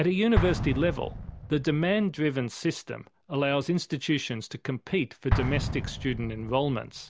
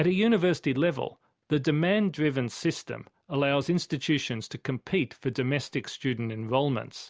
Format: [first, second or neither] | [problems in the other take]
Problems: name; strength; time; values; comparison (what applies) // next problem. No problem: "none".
second | background sound (Explosion); 6 dB below the speech